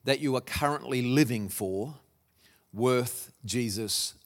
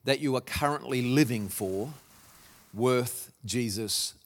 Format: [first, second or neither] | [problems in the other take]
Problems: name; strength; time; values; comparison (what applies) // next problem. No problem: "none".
first | hiss; faint; from 1 to 3 s; 25 dB below the speech